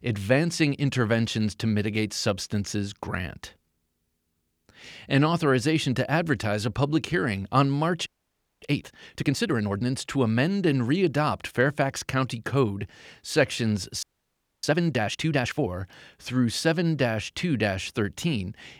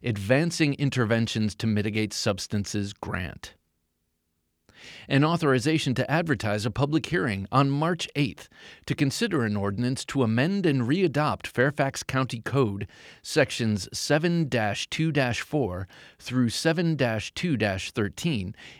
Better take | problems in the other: second | audio freezing; at 8 s for 0.5 s and at 14 s for 0.5 s

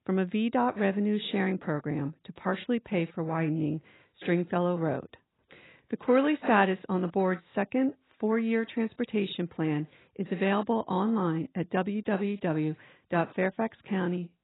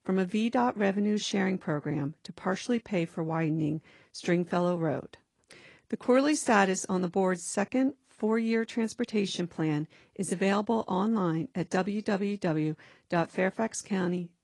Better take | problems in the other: second | garbled, watery; badly; nothing above 4 kHz; slightly in the second

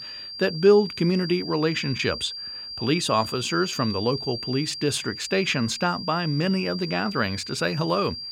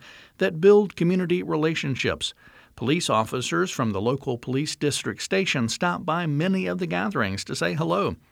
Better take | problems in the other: second | high-pitched whine; loud; throughout; 4.5 kHz, 9 dB below the speech

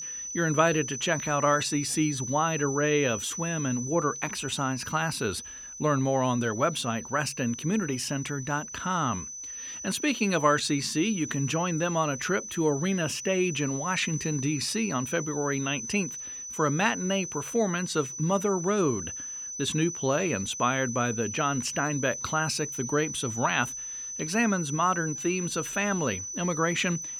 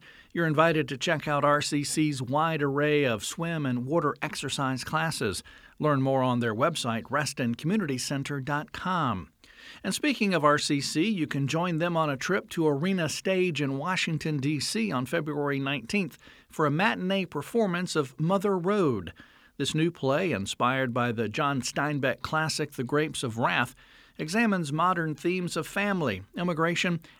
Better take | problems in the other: second | high-pitched whine; loud; throughout; 6 kHz, 7 dB below the speech

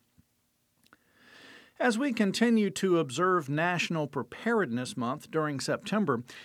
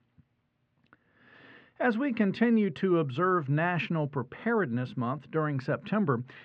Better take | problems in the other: first | muffled; very; fading above 2.5 kHz

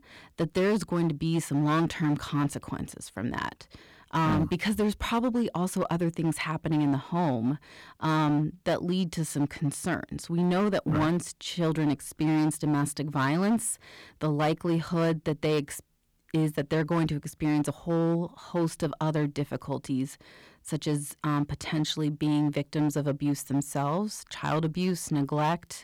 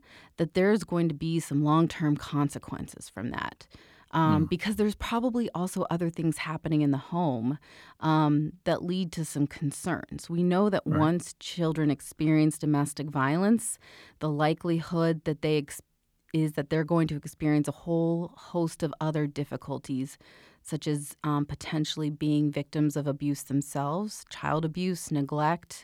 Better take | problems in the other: second | distortion; slight; 9% of the sound clipped

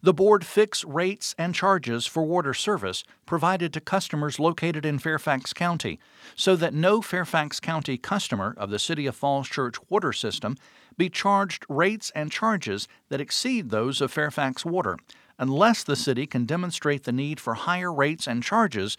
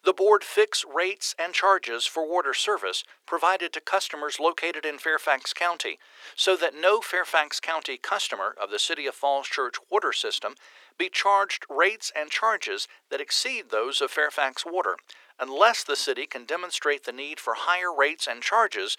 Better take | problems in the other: first | thin; very; fading below 400 Hz

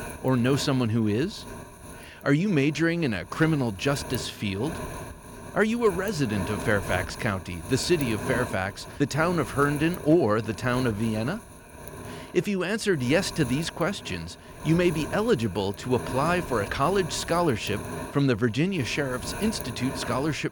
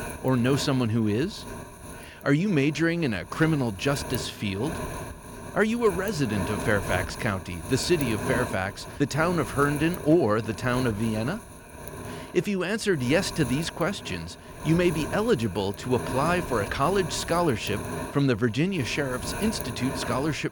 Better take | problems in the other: first | wind noise on the microphone; heavy; 9 dB below the speech; occasional gusts in the first

